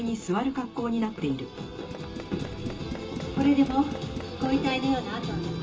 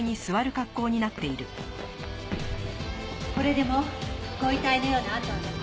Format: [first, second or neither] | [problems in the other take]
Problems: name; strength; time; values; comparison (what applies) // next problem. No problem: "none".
second | background sound (Tools); 12 dB below the speech // room echo; dies away in 0.2 s